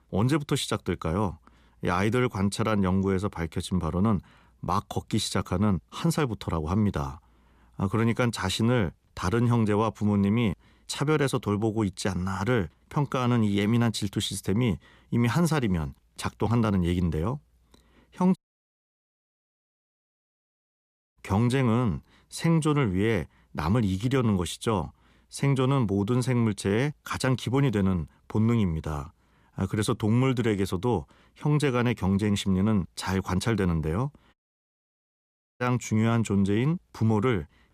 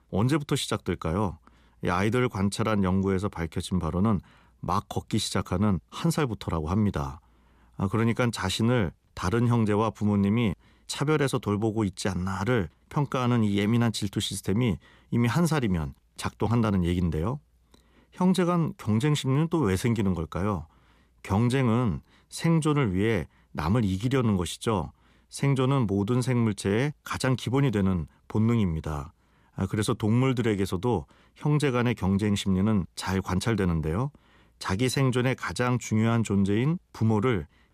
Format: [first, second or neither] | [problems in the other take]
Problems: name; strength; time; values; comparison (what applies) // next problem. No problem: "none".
second | audio cutting out; at 18 s for 3 s and at 34 s for 1.5 s